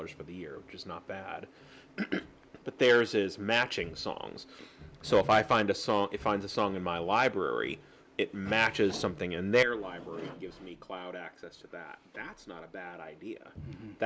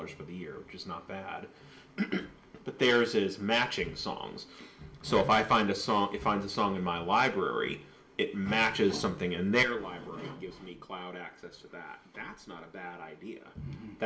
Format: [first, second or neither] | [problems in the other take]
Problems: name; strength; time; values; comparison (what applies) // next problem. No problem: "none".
first | room echo; dies away in 0.5 s